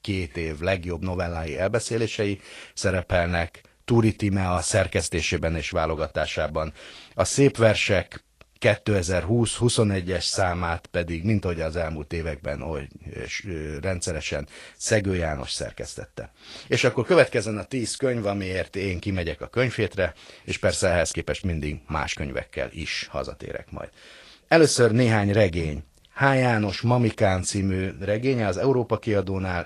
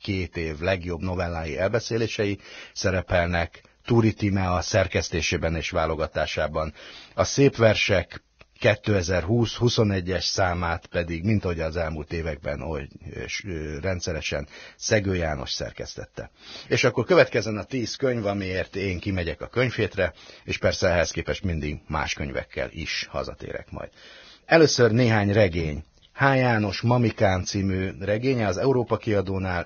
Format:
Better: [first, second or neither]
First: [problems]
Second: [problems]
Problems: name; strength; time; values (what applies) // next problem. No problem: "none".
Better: first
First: garbled, watery; slightly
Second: garbled, watery; badly; nothing above 6.5 kHz